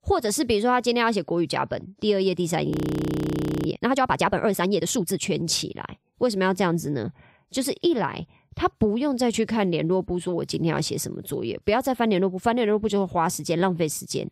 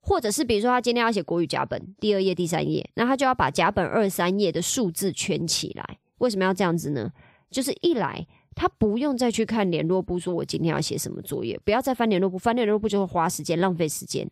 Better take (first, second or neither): second